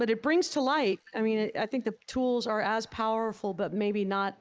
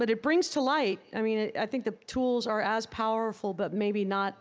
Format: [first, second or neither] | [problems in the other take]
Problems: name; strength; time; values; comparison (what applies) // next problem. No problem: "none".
second | noise reduction (neural mask model Resemble Enhance denoiser)